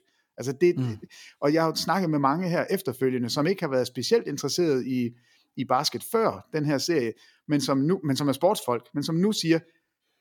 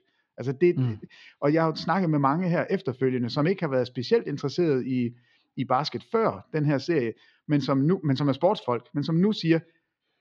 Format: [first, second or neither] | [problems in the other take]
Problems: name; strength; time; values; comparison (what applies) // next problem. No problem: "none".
first | muffled; very slightly; fading above 4 kHz